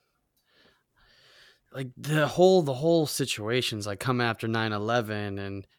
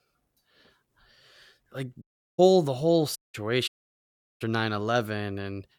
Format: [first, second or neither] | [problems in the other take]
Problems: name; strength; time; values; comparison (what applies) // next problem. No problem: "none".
first | audio cutting out; at 2 s, at 3 s and at 3.5 s for 0.5 s